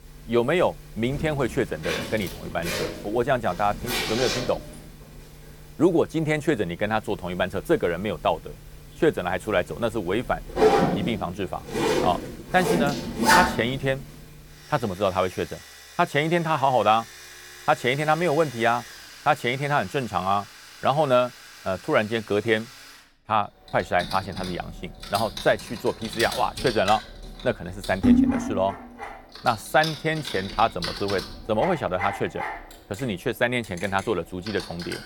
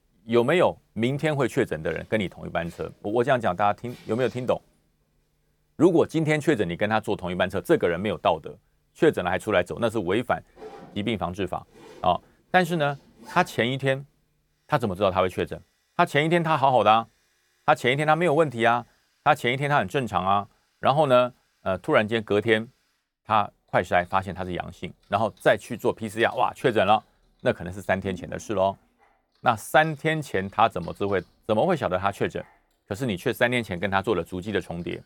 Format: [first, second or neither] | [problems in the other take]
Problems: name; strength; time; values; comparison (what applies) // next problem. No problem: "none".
second | household noises; loud; throughout; 3 dB below the speech; faint in the second